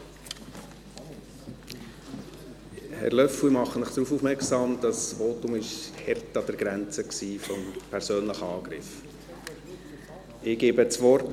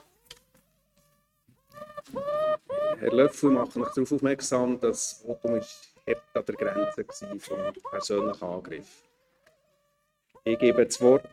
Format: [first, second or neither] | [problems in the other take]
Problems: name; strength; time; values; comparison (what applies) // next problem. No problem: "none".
first | noise reduction (neural mask model RNNoise)